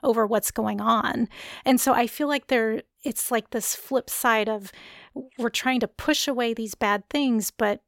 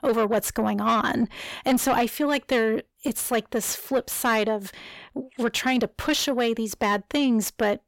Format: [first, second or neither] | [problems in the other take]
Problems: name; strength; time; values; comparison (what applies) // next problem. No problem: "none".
first | distortion; slight; 10 dB below the speech